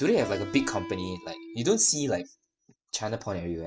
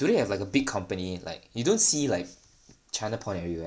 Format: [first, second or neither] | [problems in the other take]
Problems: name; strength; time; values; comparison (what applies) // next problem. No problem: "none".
second | noise reduction (classical method spectral subtraction)